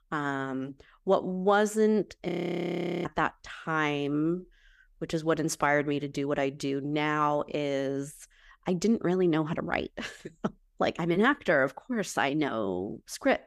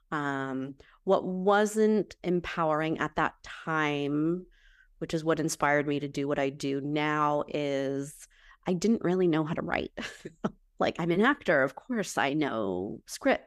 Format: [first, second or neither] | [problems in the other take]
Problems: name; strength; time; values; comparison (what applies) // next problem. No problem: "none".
second | audio freezing; at 2.5 s for 1 s